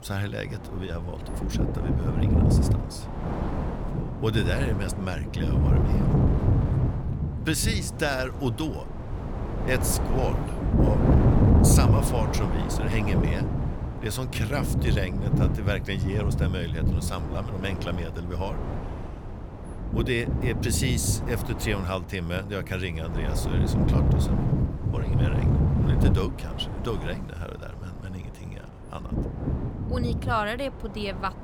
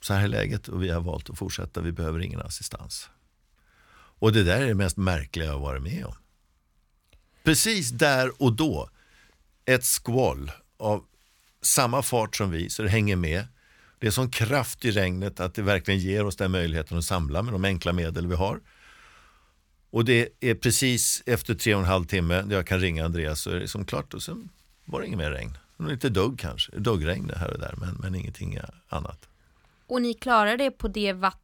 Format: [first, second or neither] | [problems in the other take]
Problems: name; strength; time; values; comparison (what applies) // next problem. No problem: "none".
second | wind noise on the microphone; heavy; 2 dB below the speech